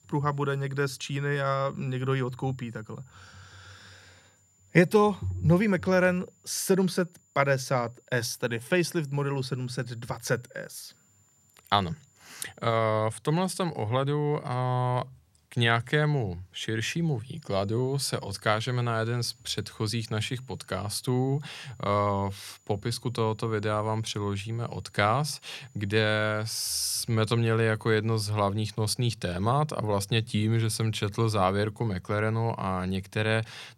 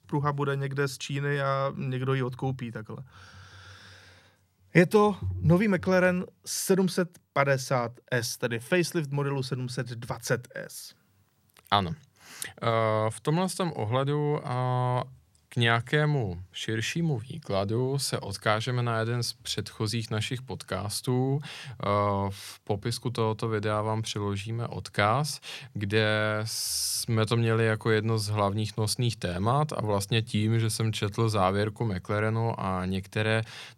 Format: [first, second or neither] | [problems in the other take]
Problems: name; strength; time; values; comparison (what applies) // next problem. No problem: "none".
second | high-pitched whine; faint; until 13 s and from 17 to 27 s; 7 kHz, 35 dB below the speech